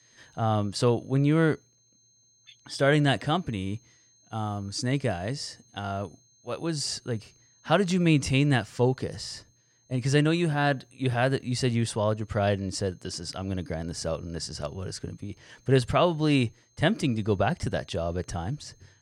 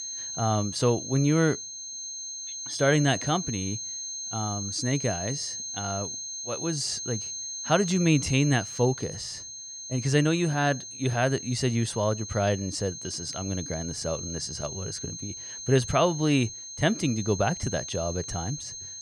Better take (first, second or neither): first